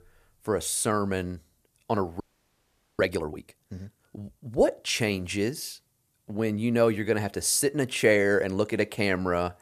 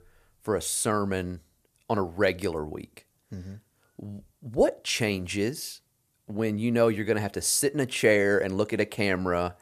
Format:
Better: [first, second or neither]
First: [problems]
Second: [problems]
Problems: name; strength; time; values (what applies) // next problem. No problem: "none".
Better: second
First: audio freezing; at 2 s for 1 s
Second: none